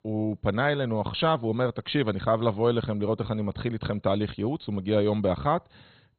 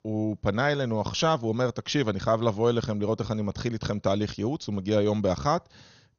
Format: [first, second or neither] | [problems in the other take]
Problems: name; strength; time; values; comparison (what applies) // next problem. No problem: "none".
second | garbled, watery; badly; nothing above 4 kHz; slightly in the second